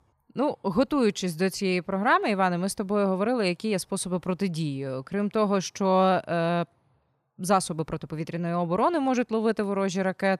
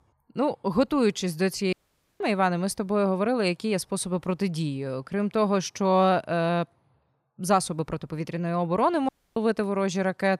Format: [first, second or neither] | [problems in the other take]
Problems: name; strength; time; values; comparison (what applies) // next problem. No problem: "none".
first | audio cutting out; at 1.5 s and at 9 s